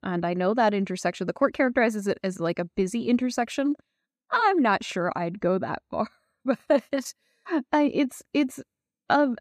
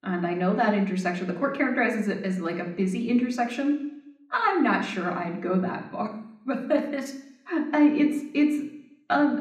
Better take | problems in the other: first | room echo; slight; dies away in 0.8 s // off-mic speech; somewhat distant

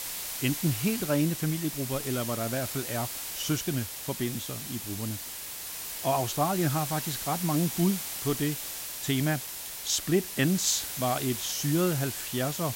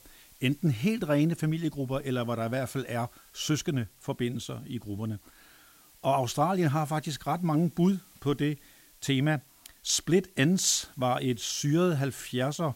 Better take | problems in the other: second | hiss; loud; throughout; 4 dB below the speech; faint in the second

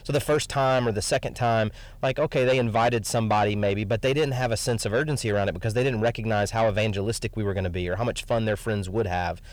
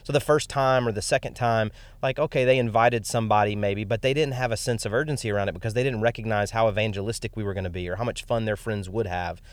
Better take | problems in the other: second | distortion; slight; 10 dB below the speech

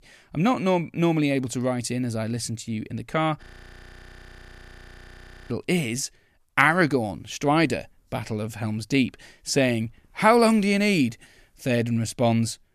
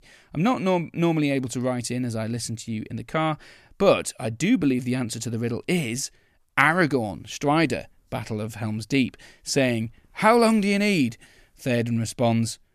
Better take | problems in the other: second | audio freezing; at 3.5 s for 2 s

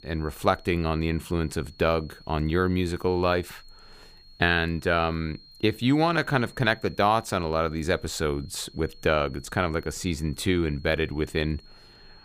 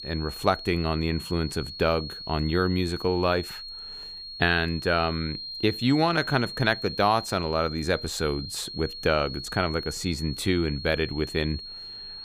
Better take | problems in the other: first | high-pitched whine; loud; throughout; 4.5 kHz, 9 dB below the speech; faint in the first

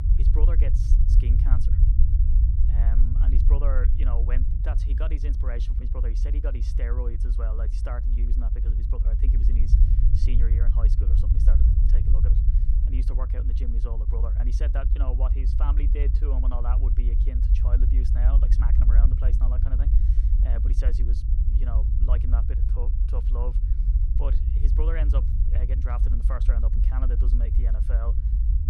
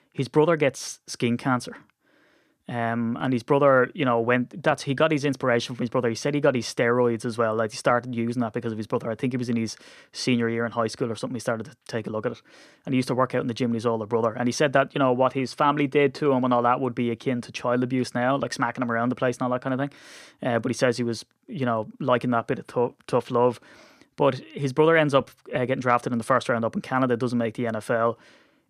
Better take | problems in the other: second | low rumble; loud; throughout; 2 dB below the speech

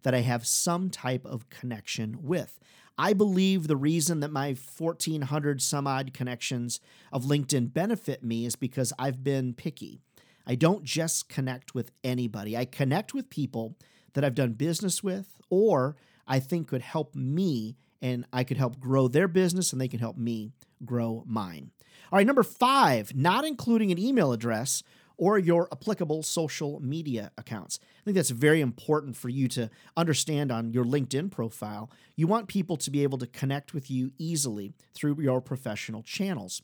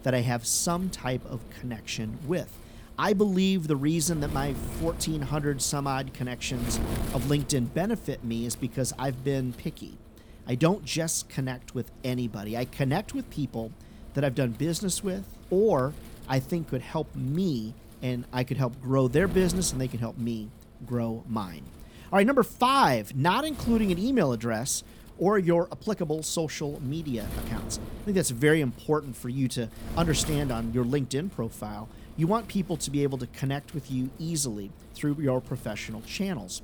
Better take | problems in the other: first | wind noise on the microphone; occasional gusts; 20 dB below the speech

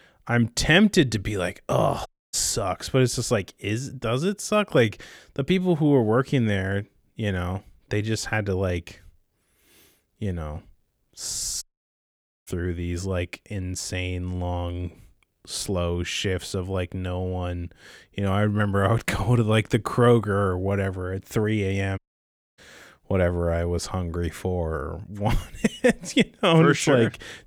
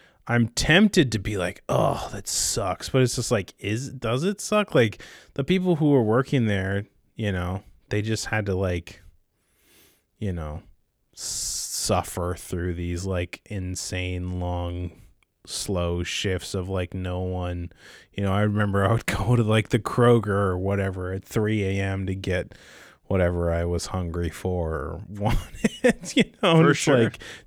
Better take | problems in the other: second | audio cutting out; at 2 s, at 12 s for 1 s and at 22 s for 0.5 s

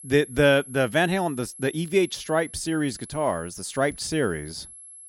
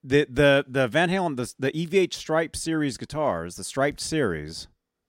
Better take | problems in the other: second | high-pitched whine; noticeable; throughout; 11 kHz, 15 dB below the speech

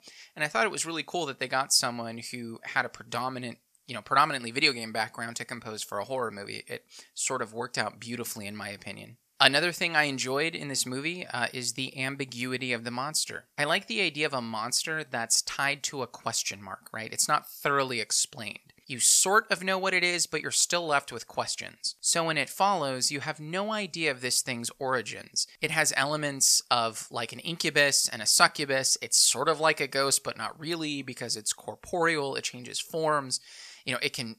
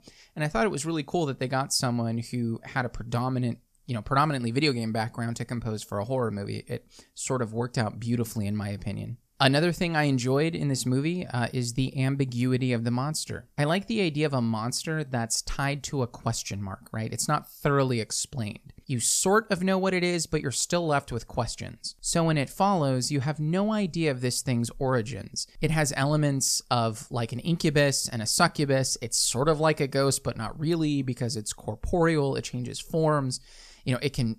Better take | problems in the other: second | thin; somewhat; fading below 1 kHz

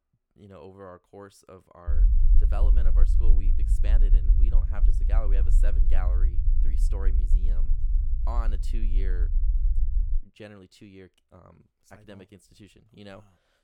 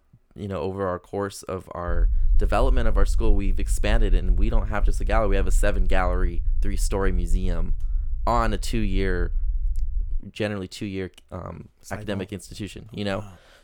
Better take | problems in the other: second | low rumble; loud; from 2 to 10 s; 5 dB below the speech; faint in the second

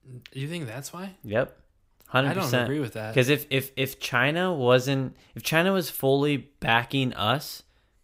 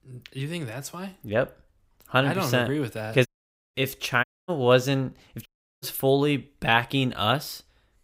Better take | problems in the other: first | audio cutting out; at 3.5 s, at 4 s and at 5.5 s

